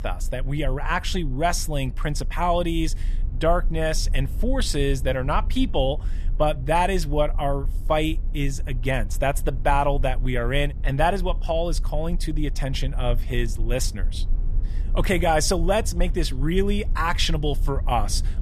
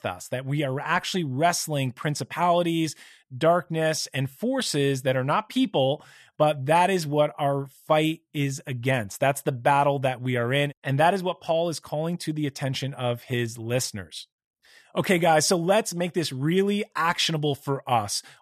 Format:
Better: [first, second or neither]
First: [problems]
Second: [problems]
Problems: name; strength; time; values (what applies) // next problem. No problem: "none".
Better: second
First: low rumble; faint; throughout; 25 dB below the speech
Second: none